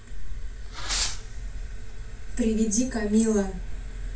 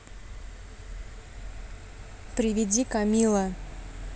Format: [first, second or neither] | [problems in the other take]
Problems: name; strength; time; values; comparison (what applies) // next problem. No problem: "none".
second | background sound (Fireworks); 11 dB below the speech // room echo; dies away in 0.2 s